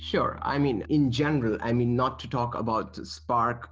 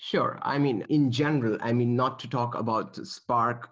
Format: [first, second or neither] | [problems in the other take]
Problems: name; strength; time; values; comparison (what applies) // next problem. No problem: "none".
second | background sound (Piano); 20 dB below the speech